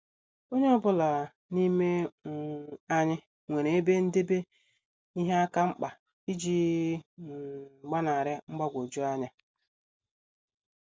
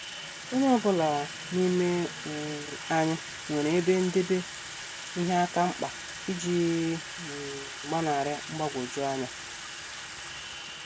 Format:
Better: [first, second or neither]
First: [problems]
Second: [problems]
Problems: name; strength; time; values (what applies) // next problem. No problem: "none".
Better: first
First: none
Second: background sound (Sink (filling or washing) / Water tap, faucet); 10 dB below the speech